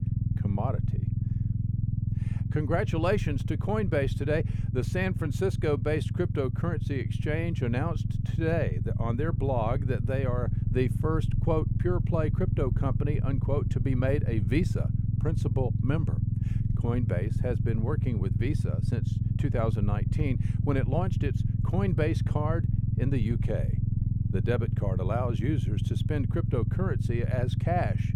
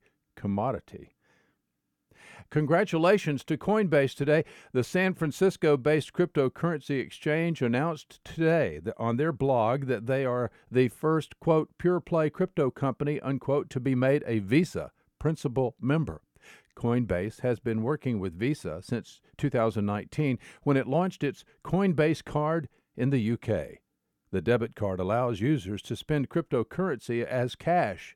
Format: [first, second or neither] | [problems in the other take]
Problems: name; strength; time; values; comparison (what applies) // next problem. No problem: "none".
second | low rumble; loud; throughout; 8 dB below the speech